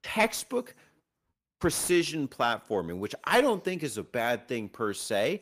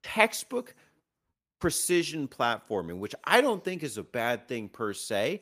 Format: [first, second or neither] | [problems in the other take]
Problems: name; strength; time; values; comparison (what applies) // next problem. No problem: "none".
second | distortion; slight; 10 dB below the speech